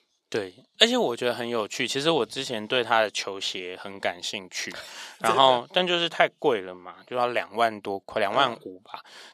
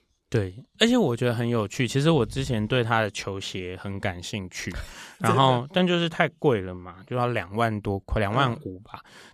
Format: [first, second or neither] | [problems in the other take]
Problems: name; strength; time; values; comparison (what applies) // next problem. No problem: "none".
second | thin; somewhat; fading below 350 Hz